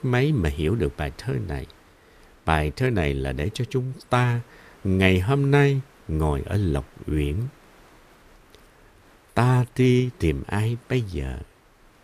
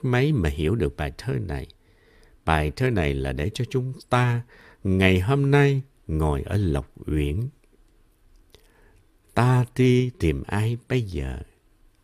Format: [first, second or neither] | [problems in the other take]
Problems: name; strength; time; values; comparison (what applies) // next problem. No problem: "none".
second | hiss; faint; throughout; 30 dB below the speech